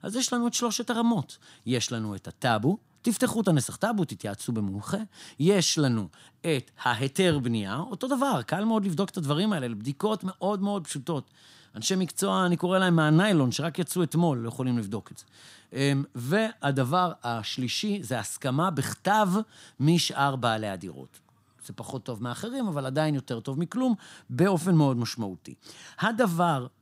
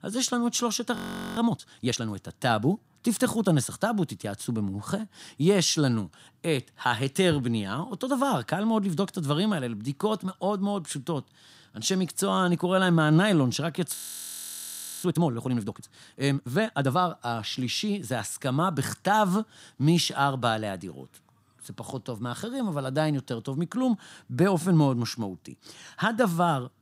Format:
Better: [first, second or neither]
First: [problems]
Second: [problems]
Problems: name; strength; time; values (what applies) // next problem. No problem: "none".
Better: first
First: none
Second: audio freezing; at 1 s and at 14 s for 1 s